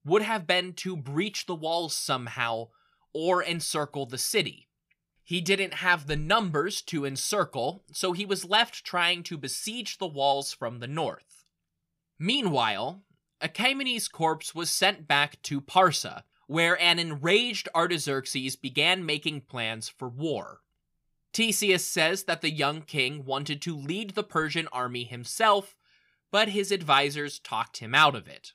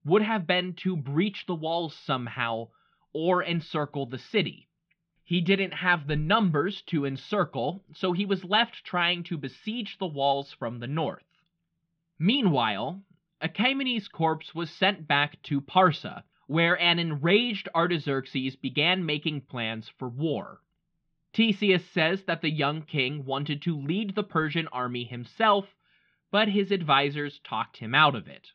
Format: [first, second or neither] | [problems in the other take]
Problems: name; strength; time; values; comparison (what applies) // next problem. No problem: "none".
first | muffled; slightly; fading above 3.5 kHz